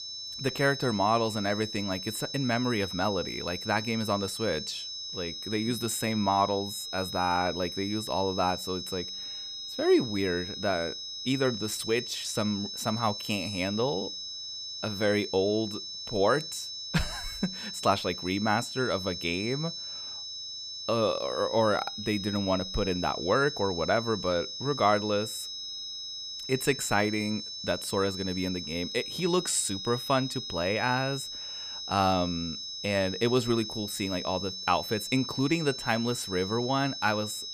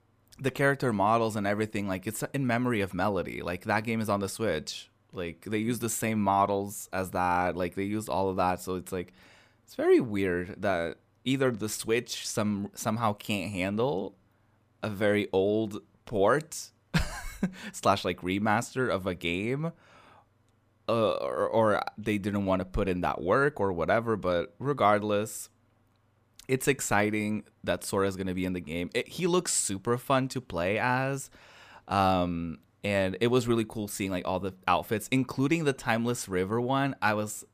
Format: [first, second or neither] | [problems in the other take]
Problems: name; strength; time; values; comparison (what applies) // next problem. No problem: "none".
second | high-pitched whine; loud; throughout; 5.5 kHz, 6 dB below the speech